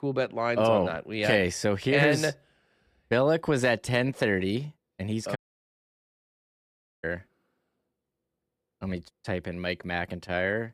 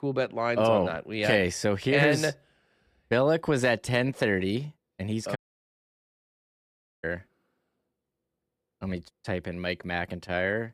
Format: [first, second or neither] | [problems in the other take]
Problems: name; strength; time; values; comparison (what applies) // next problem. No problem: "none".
neither | audio cutting out; at 5.5 s for 1.5 s; the same in both